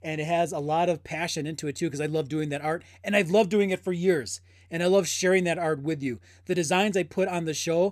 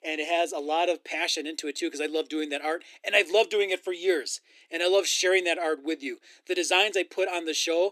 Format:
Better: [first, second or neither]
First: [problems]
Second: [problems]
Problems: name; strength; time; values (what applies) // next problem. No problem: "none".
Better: first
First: none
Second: thin; somewhat; fading below 300 Hz